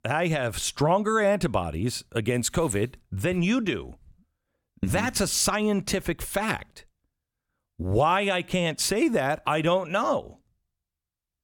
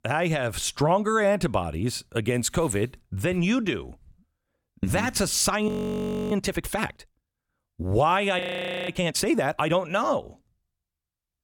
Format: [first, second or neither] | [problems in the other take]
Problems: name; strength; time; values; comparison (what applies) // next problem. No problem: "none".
first | audio freezing; at 5.5 s for 0.5 s and at 8.5 s